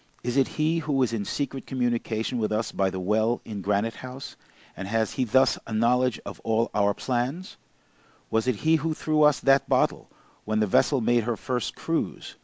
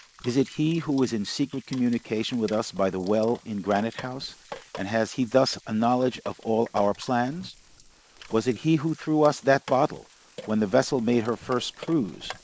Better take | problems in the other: first | noise reduction (neural mask model Resemble Enhance denoiser)

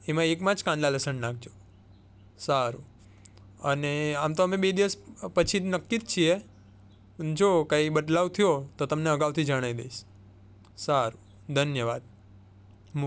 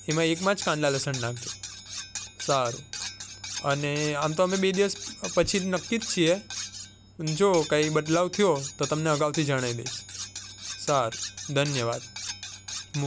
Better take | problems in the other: first | background sound (Cutlery, silverware); 11 dB below the speech

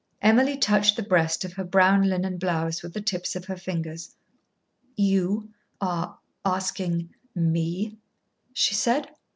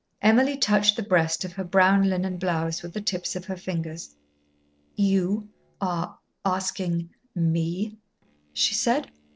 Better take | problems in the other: first | noise reduction (neural separator model SepFormer DNS4)

